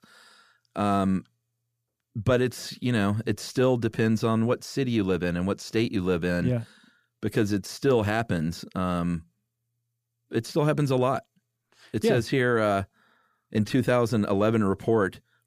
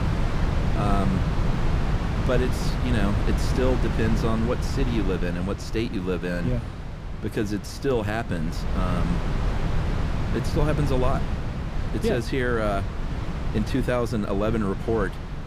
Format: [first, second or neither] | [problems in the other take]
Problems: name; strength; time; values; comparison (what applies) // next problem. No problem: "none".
first | wind noise on the microphone; heavy; 6 dB below the speech